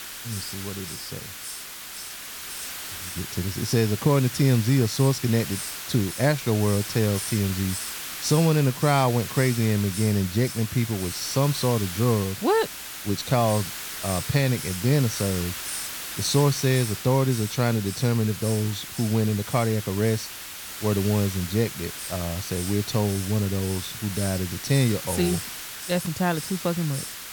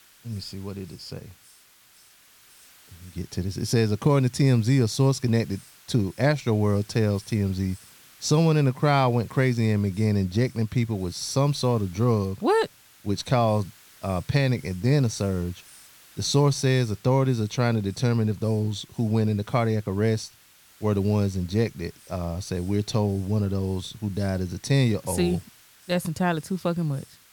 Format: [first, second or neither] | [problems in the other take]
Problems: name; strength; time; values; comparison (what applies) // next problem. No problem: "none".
second | hiss; loud; throughout; 8 dB below the speech; faint in the second